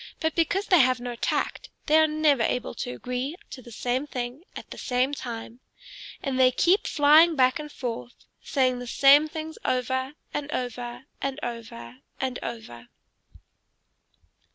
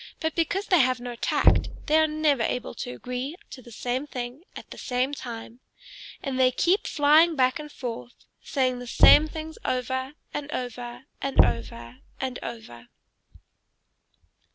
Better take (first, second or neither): first